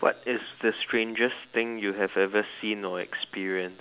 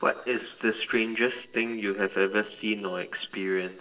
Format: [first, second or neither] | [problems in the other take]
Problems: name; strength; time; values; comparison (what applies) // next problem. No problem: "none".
first | noise reduction (neural separator model SepFormer DNS4)